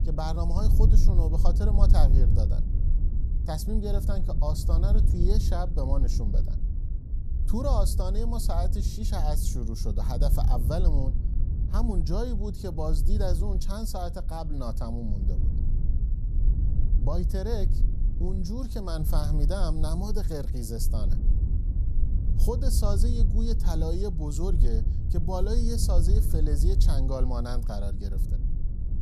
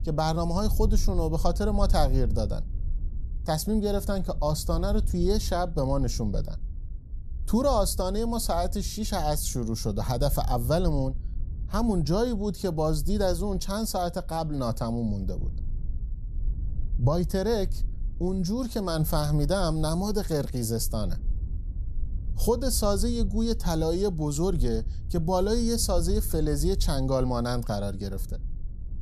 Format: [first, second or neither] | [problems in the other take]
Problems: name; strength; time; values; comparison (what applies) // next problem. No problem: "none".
second | wind noise on the microphone; heavy; 9 dB below the speech; occasional gusts in the second